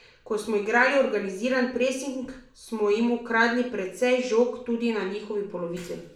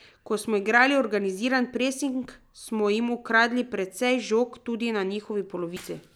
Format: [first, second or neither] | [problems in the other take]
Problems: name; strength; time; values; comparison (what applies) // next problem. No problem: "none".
second | room echo; dies away in 0.5 s